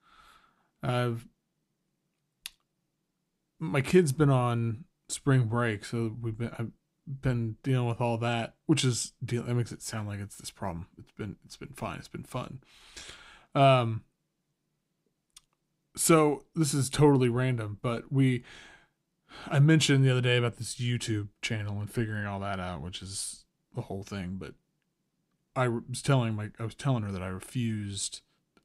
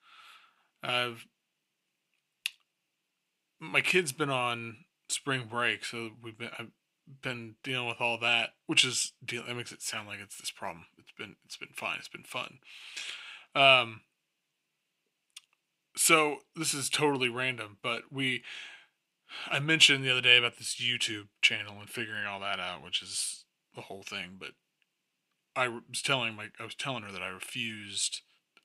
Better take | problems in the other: first | thin; somewhat; fading below 900 Hz

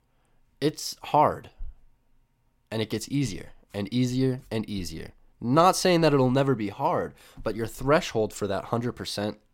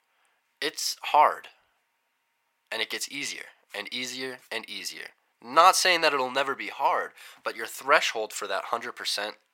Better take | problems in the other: first | thin; very; fading below 800 Hz

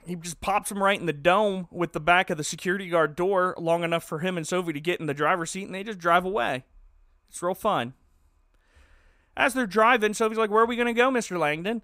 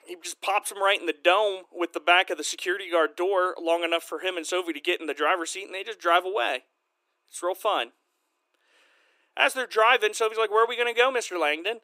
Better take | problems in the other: first | thin; very; fading below 300 Hz

